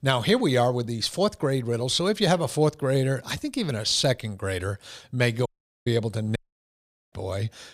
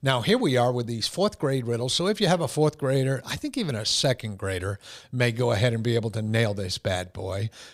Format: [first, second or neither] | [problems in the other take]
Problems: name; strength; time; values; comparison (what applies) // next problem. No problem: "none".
second | audio cutting out; at 5.5 s and at 6.5 s for 1 s